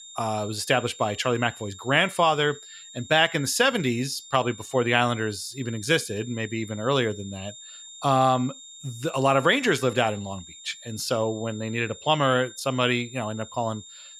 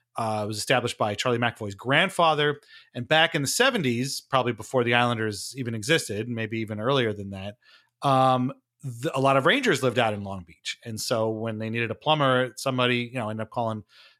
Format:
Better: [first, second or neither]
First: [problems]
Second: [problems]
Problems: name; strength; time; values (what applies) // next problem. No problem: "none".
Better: second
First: high-pitched whine; noticeable; throughout; 3.5 kHz, 15 dB below the speech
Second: none